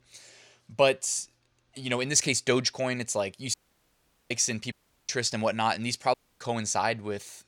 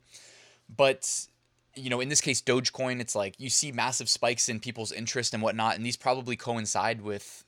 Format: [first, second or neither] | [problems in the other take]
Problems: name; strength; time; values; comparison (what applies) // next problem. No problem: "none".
second | audio cutting out; at 3.5 s for 1 s, at 4.5 s and at 6 s